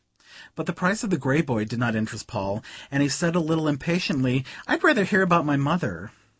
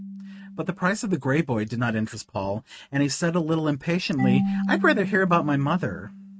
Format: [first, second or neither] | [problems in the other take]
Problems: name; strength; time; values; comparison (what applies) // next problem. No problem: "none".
first | noise reduction (neural mask model RNNoise)